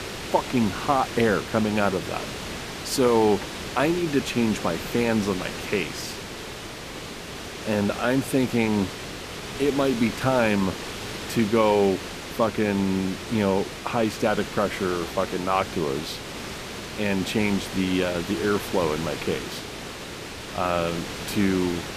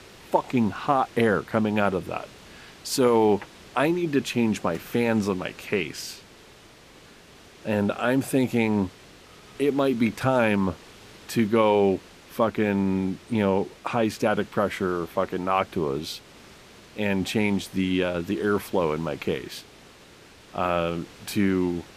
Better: second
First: hiss; loud; throughout; 9 dB below the speech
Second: hiss; faint; throughout; 20 dB below the speech

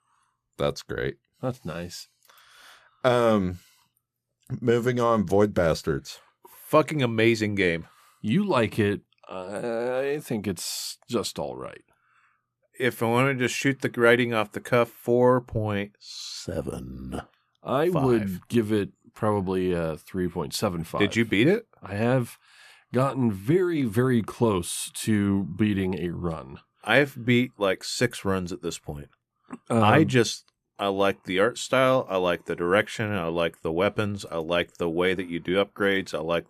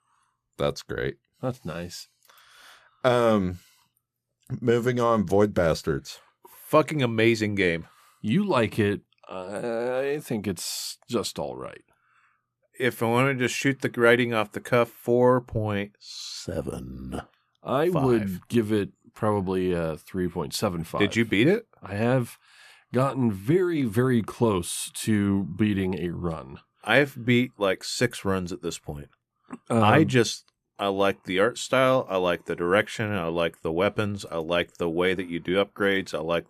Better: neither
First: none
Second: none

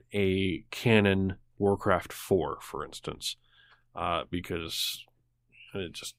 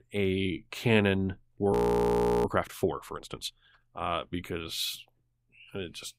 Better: first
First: none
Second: audio freezing; at 1.5 s for 0.5 s

